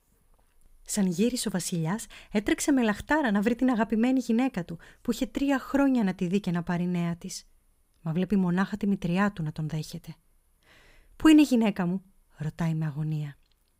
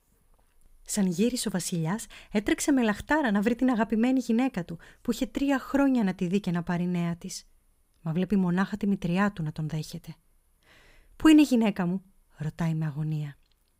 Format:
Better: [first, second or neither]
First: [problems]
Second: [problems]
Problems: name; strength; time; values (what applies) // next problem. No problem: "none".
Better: neither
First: none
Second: none